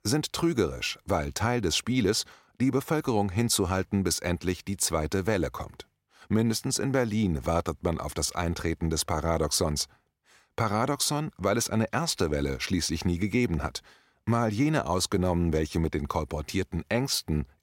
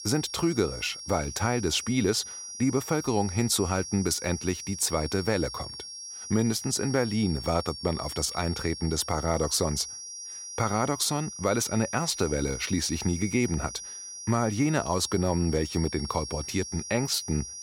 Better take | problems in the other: first | high-pitched whine; loud; throughout; 5.5 kHz, 9 dB below the speech

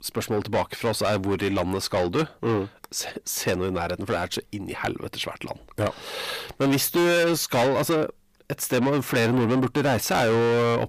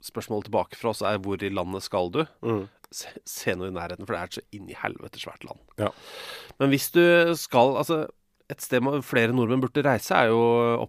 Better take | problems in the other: second | distortion; heavy; 6 dB below the speech

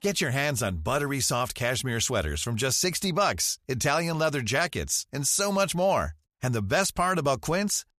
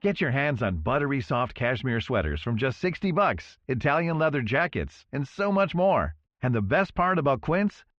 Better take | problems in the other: first | muffled; very; fading above 2.5 kHz

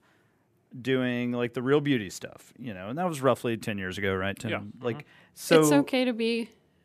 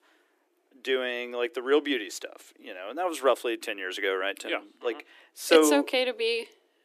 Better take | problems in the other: first | thin; somewhat; fading below 300 Hz

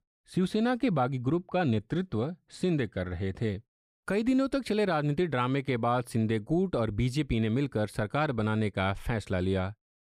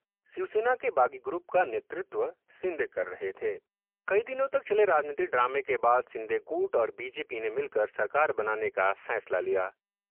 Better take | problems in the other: first | phone-call audio; poor line

